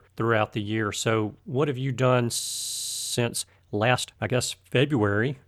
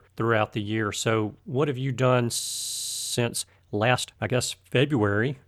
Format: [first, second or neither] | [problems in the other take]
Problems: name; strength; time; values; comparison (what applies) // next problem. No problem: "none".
neither | audio freezing; at 2.5 s for 0.5 s; the same in both